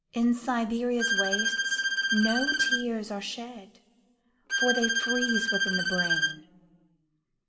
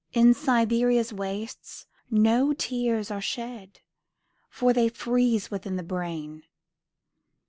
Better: second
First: background sound (Bowed string instrument); 3 dB above the speech // room echo; dies away in 2.1 s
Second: none

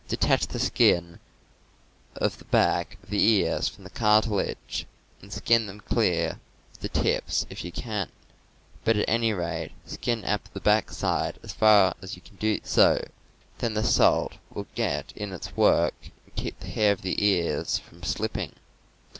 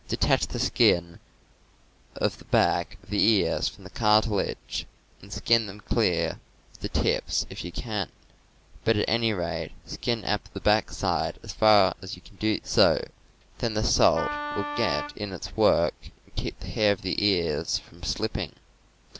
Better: first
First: none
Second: background sound (Wind instrument, woodwind instrument); 6 dB below the speech

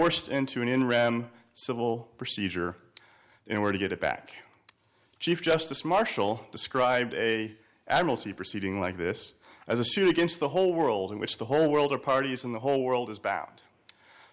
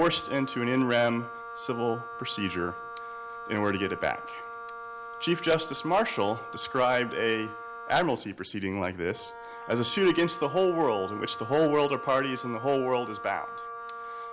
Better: first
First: none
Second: background sound (Wind instrument, woodwind instrument); 11 dB below the speech

